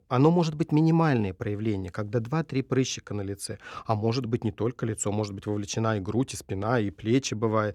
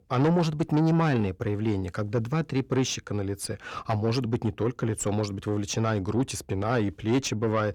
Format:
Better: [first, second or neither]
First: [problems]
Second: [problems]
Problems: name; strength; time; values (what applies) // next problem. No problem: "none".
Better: first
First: none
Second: distortion; slight; 10 dB below the speech